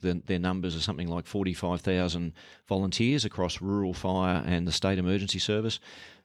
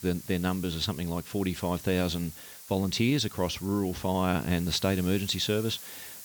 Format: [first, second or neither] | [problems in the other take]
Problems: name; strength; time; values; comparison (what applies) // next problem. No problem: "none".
first | hiss; noticeable; throughout; 15 dB below the speech